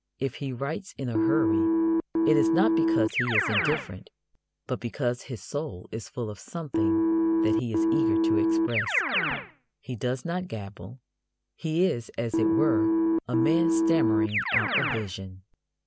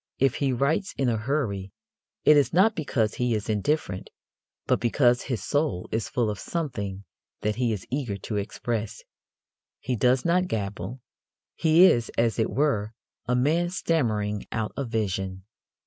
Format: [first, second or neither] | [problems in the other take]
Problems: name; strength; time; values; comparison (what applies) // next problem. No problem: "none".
second | background sound (Keyboard (musical)); 4 dB above the speech